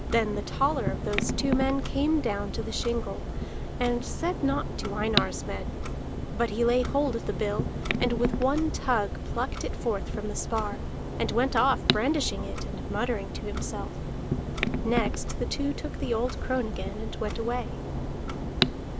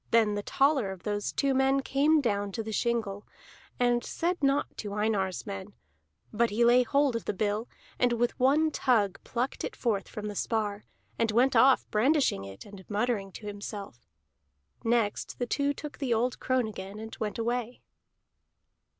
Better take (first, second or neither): second